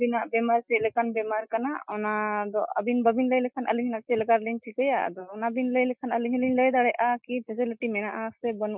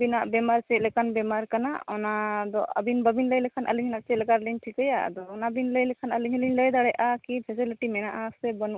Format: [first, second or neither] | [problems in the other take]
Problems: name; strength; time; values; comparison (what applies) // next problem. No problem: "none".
second | noise reduction (classical method Wiener filter)